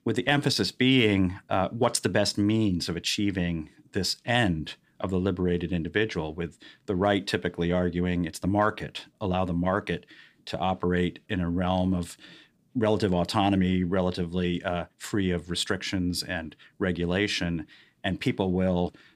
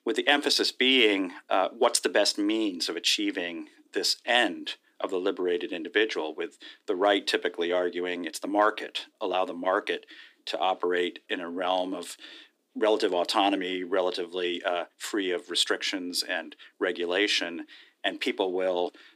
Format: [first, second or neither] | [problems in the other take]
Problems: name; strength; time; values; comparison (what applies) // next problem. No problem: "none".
first | thin; somewhat; fading below 300 Hz